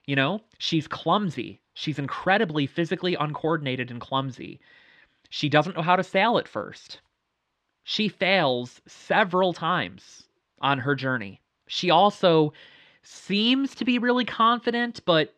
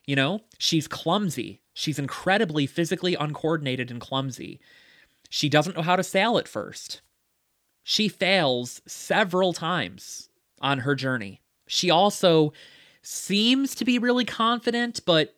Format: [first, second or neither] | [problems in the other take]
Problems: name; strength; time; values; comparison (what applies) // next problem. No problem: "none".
second | muffled; slightly; fading above 3 kHz